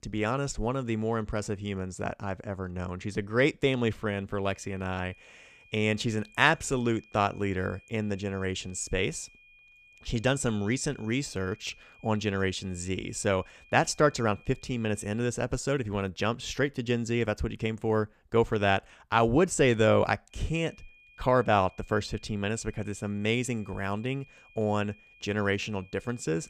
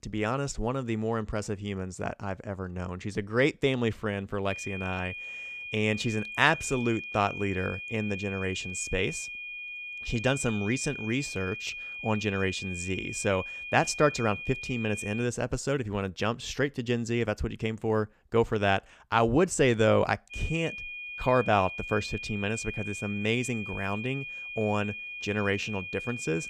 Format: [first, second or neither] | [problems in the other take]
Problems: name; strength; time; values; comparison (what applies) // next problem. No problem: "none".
first | high-pitched whine; loud; from 4.5 to 15 s and from 20 s on; 2.5 kHz, 7 dB below the speech; faint in the first